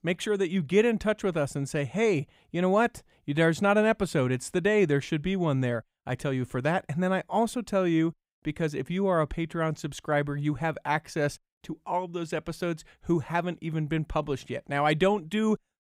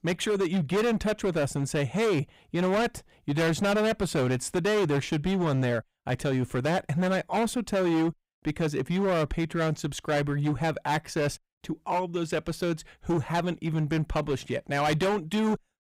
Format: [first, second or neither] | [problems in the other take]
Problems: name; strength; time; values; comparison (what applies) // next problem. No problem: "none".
first | distortion; heavy; 18% of the sound clipped